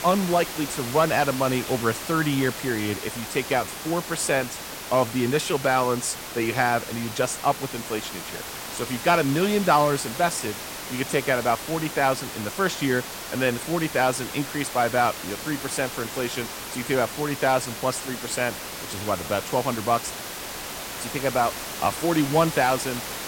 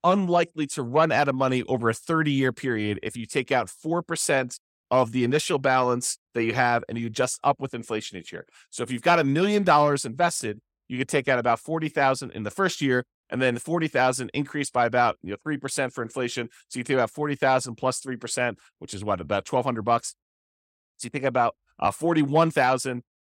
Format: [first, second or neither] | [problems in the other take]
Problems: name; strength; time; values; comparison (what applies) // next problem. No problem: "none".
second | hiss; loud; throughout; 8 dB below the speech